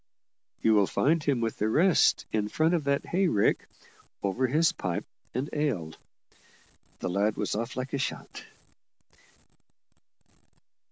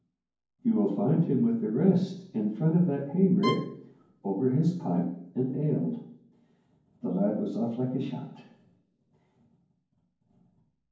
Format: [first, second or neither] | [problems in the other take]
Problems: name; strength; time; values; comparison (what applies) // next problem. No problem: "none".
first | background sound (Bowed string instrument); 10 dB below the speech // room echo; dies away in 0.9 s